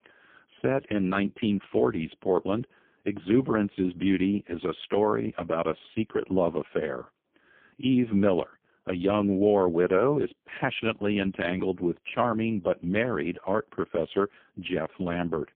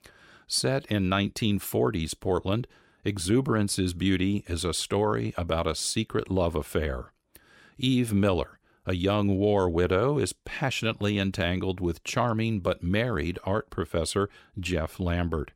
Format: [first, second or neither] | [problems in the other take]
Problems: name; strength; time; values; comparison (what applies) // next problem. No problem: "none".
second | phone-call audio; poor line